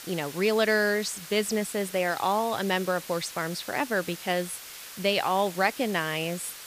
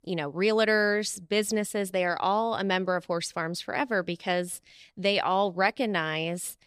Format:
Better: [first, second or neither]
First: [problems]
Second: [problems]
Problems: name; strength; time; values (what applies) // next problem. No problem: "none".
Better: second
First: hiss; noticeable; throughout; 15 dB below the speech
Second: none